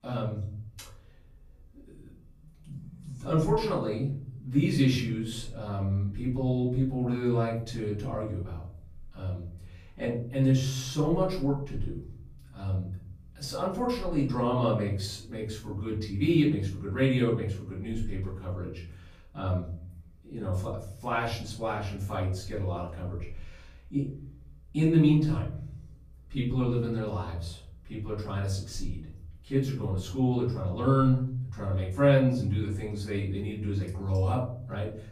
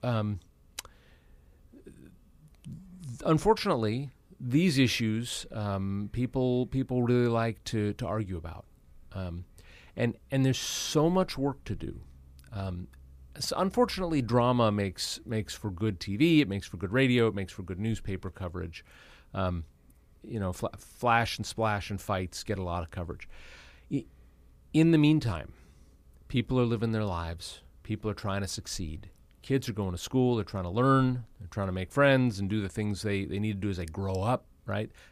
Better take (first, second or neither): second